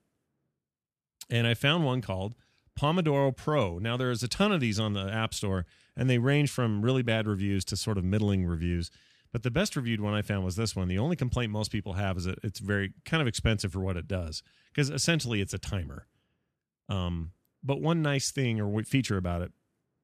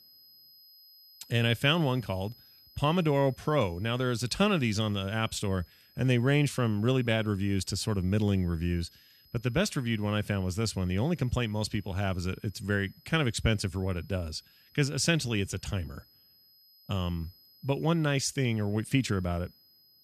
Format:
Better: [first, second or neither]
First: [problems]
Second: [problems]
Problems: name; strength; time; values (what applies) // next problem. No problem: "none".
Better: first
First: none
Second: high-pitched whine; faint; throughout; 5 kHz, 30 dB below the speech